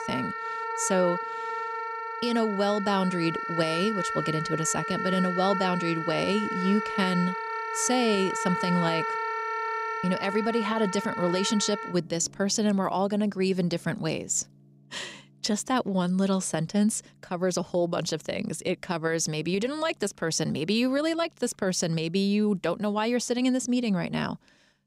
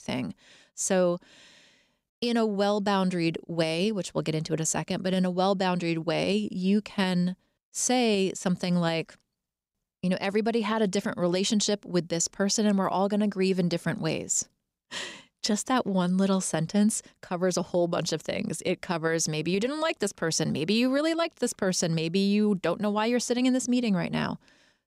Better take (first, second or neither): second